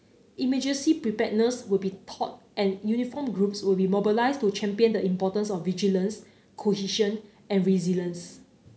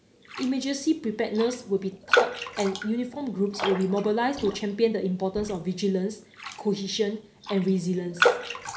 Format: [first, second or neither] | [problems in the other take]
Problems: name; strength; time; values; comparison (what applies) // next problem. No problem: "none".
first | background sound (Raindrop); 5 dB below the speech